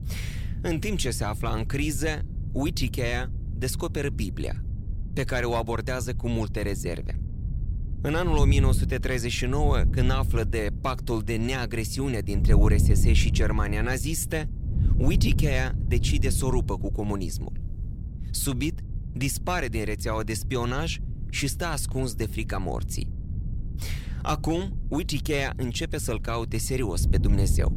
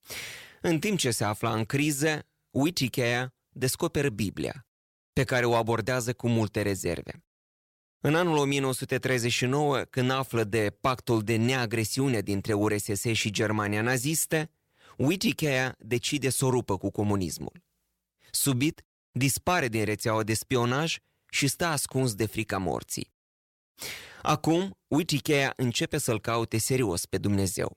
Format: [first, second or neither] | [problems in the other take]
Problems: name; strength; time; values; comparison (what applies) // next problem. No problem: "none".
second | wind noise on the microphone; occasional gusts; 15 dB below the speech